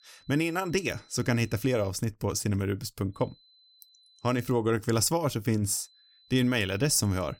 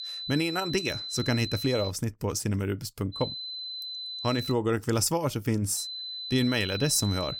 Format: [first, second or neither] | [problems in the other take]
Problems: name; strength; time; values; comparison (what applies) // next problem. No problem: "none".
first | high-pitched whine; loud; until 2 s, from 3 to 4.5 s and from 6 s on; 4 kHz, 6 dB below the speech; faint in the first